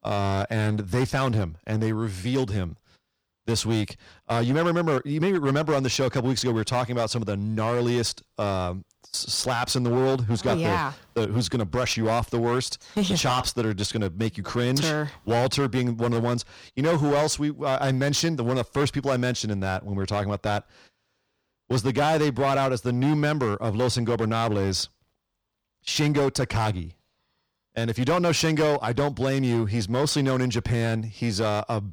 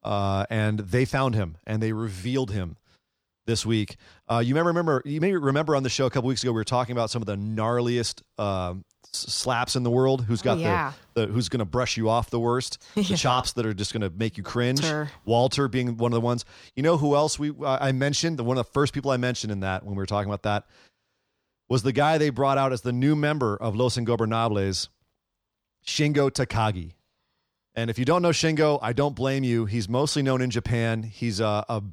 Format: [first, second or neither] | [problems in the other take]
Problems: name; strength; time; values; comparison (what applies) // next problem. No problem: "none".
second | distortion; slight; 11% of the sound clipped